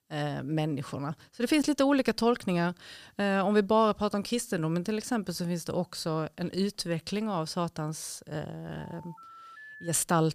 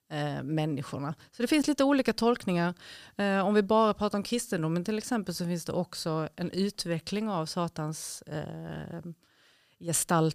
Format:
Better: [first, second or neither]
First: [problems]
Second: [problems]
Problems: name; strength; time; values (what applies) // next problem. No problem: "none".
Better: second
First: phone ringing; faint; from 9 s on; peak 15 dB below the speech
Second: none